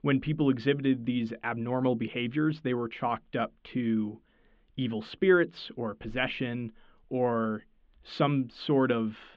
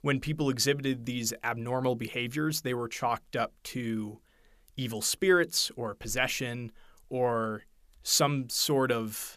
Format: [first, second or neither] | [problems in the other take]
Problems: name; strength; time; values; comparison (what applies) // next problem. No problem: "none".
second | muffled; very; fading above 3.5 kHz